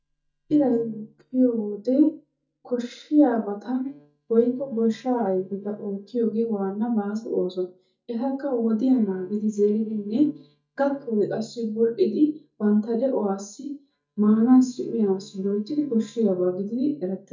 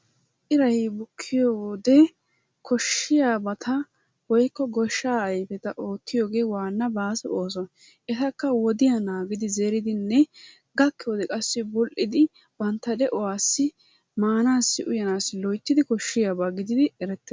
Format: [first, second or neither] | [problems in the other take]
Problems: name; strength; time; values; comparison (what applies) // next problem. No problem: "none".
second | noise reduction (neural mask model DeepFilterNet 3)